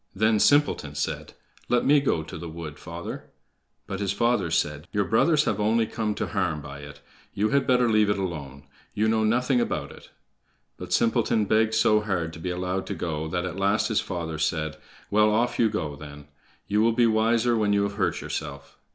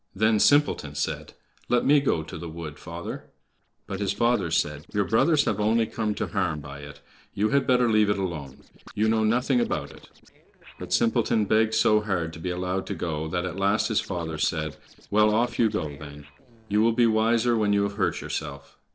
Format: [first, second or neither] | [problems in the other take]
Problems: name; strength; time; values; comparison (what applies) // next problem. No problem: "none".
first | noise reduction (neural separator model SepFormer DNS4)